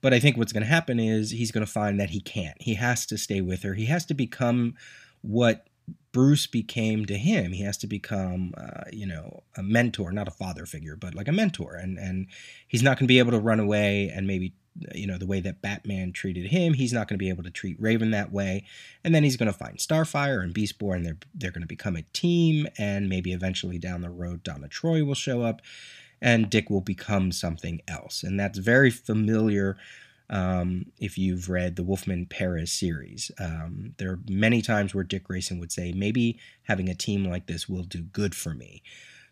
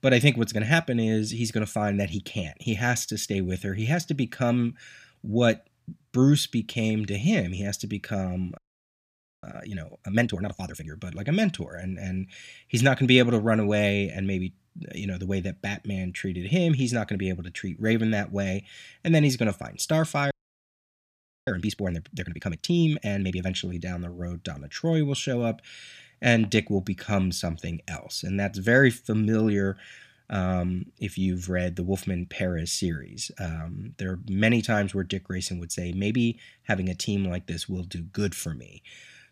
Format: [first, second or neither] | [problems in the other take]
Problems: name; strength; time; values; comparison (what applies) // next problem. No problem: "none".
first | audio freezing; at 8.5 s for 1 s and at 20 s for 1 s